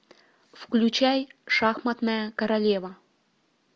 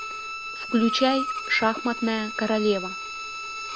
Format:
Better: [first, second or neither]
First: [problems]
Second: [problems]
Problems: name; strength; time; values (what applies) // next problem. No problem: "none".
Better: first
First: none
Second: background sound (Bowed string instrument); 7 dB below the speech